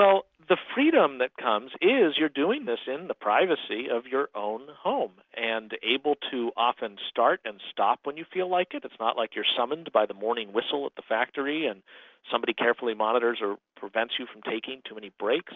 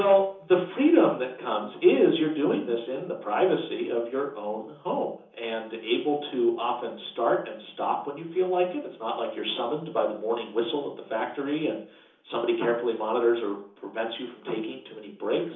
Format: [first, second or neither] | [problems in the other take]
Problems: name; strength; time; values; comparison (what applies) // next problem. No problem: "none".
first | room echo; dies away in 0.7 s